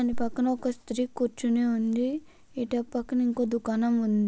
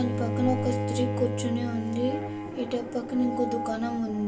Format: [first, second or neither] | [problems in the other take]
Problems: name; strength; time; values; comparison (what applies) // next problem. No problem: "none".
first | background sound (Bowed string instrument); 2 dB below the speech // room echo; dies away in 0.2 s